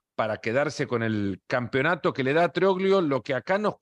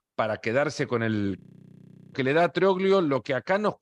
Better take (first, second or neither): first